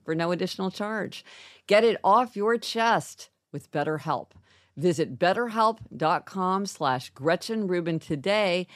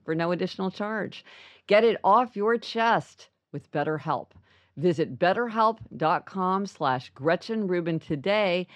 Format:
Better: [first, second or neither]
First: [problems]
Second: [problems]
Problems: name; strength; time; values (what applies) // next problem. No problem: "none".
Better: first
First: none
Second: muffled; very slightly; fading above 3.5 kHz